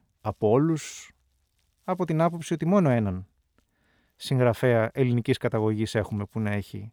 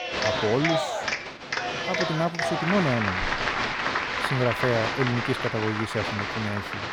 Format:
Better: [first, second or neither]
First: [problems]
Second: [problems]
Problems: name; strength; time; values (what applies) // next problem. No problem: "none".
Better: first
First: none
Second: crowd noise; very loud; throughout; 1 dB above the speech